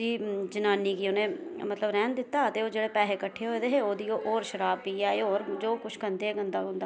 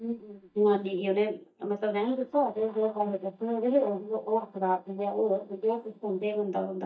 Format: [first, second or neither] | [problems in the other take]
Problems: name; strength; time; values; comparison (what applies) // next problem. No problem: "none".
first | noise reduction (neural mask model DeepFilterNet 3)